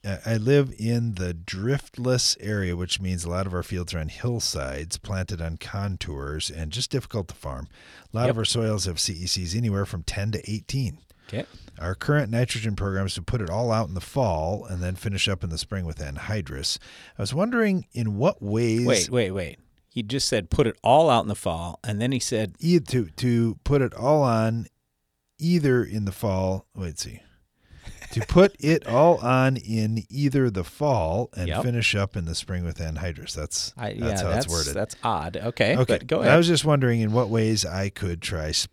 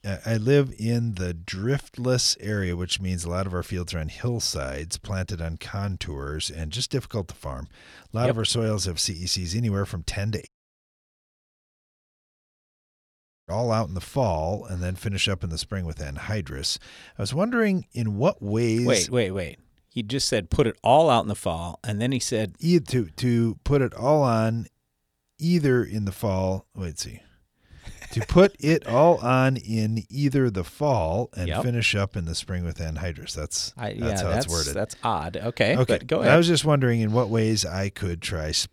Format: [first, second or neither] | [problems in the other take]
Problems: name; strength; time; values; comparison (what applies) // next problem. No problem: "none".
first | audio cutting out; at 10 s for 3 s